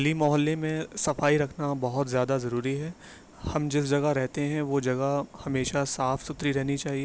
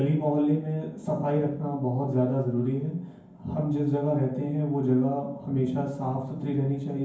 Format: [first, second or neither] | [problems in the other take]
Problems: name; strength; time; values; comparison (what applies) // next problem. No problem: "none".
first | room echo; dies away in 0.9 s